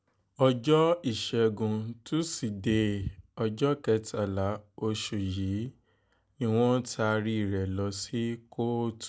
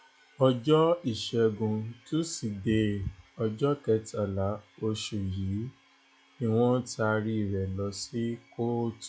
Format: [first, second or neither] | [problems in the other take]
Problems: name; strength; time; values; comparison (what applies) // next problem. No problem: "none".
first | noise reduction (classical method log-MMSE)